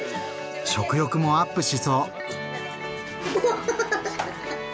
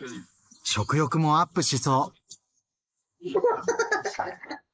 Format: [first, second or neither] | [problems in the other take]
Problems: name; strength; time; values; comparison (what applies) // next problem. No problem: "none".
first | noise reduction (neural mask model Resemble Enhance denoiser)